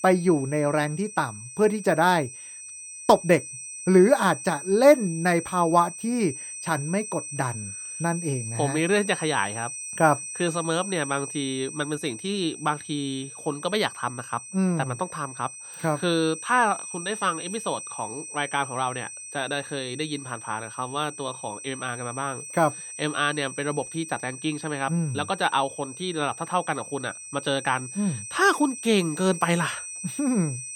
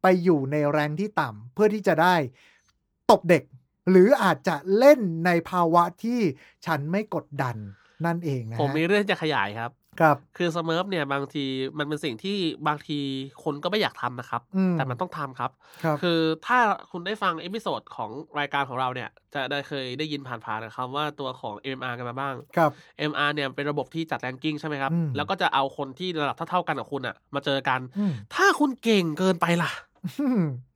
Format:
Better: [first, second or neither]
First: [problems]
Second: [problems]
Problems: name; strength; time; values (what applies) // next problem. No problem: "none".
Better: second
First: high-pitched whine; loud; throughout; 8.5 kHz, 10 dB below the speech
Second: none